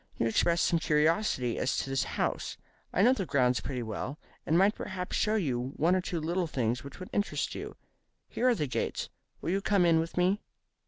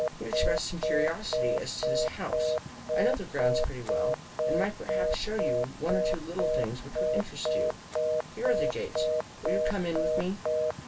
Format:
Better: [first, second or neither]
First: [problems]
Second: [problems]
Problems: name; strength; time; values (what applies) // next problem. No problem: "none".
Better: first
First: none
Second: background sound (Telephone); 4 dB above the speech // room echo; dies away in 0.2 s